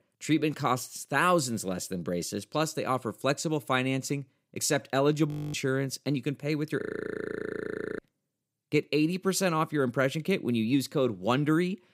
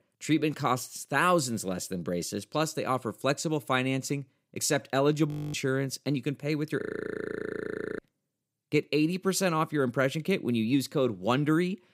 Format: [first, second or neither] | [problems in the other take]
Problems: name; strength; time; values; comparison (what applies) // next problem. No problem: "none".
neither | audio freezing; at 5.5 s and at 7 s for 1 s; the same in both